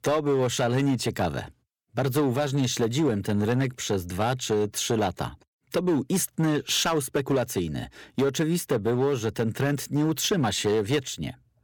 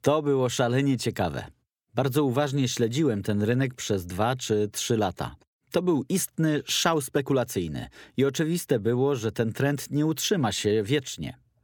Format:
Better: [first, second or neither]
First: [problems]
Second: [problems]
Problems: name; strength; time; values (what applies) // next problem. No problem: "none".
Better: second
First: distortion; slight; 8% of the sound clipped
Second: none